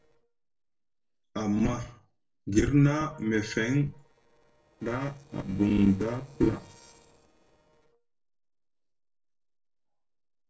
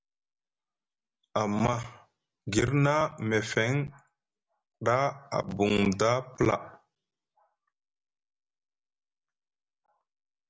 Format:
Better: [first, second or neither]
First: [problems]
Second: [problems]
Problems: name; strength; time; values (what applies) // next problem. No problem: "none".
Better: second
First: noise reduction (neural separator model SepFormer DNS4)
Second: none